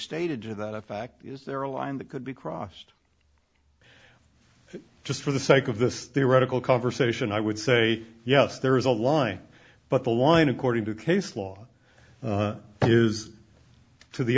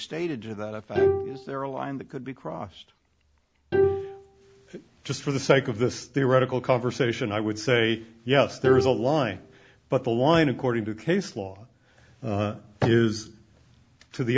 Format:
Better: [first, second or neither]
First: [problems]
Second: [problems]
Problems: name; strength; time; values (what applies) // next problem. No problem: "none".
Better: first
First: none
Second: background sound (Bowed string instrument); 4 dB below the speech